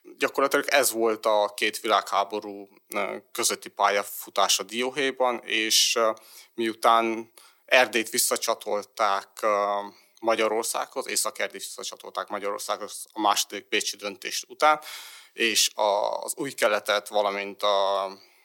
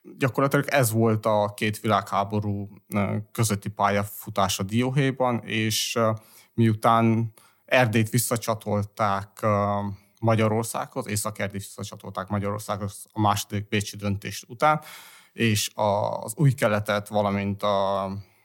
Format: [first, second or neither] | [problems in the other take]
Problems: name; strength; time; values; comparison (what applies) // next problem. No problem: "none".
second | thin; very; fading below 350 Hz